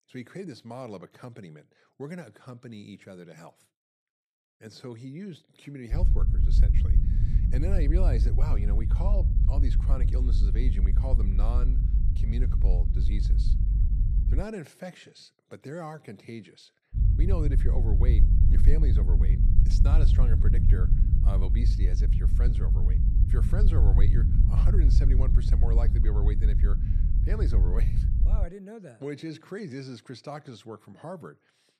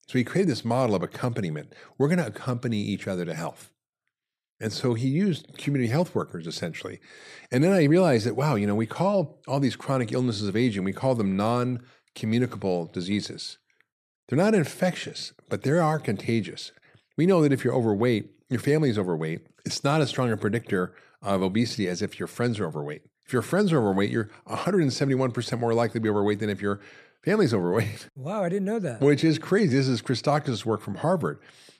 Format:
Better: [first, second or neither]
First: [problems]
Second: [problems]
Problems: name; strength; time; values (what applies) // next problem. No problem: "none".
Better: second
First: low rumble; loud; from 6 to 14 s and from 17 to 28 s; 2 dB below the speech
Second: none